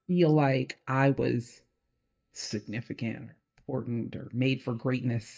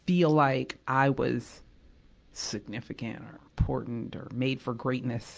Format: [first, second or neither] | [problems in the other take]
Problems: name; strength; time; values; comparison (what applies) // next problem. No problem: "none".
second | noise reduction (neural mask model DeepFilterNet 3)